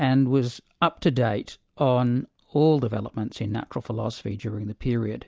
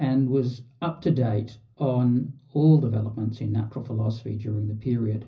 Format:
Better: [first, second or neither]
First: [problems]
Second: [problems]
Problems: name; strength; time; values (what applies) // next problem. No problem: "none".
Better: first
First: none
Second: room echo; dies away in 0.4 s